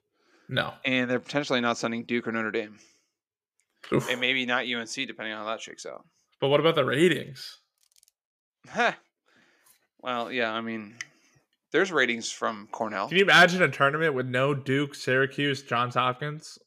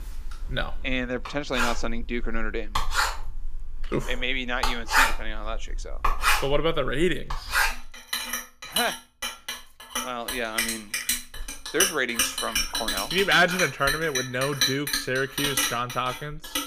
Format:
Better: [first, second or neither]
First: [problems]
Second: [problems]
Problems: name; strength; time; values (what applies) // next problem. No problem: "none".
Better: first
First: none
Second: household noises; very loud; throughout; 1 dB above the speech